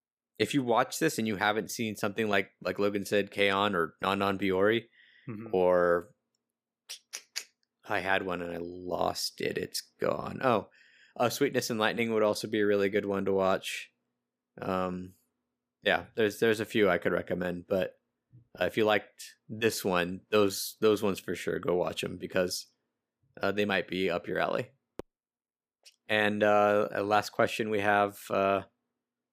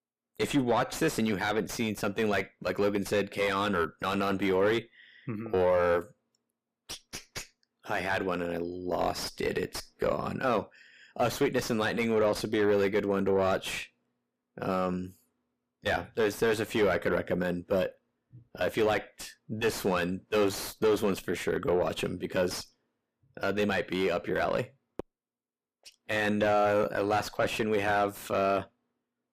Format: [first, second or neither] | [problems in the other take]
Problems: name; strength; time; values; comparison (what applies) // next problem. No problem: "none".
first | distortion; heavy; 7 dB below the speech